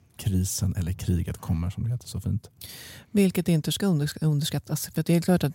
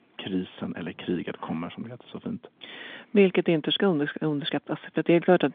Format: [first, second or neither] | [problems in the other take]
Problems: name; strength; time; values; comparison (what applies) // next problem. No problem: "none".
first | phone-call audio; nothing above 3.5 kHz